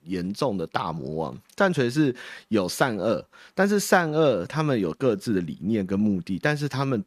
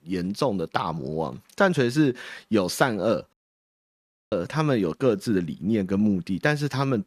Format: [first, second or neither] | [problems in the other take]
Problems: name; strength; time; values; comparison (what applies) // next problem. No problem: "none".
first | audio cutting out; at 3.5 s for 1 s